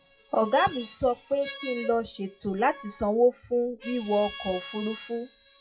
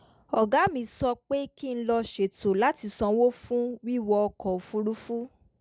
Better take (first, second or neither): second